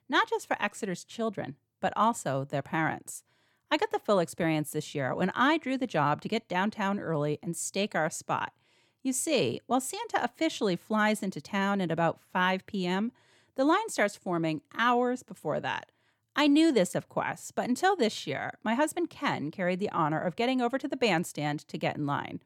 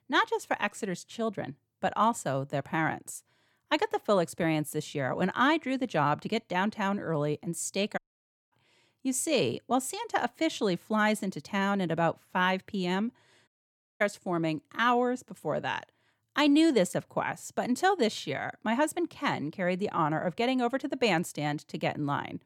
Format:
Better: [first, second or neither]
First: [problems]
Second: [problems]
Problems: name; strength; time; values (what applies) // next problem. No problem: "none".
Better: first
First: none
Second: audio cutting out; at 8 s for 0.5 s and at 13 s for 0.5 s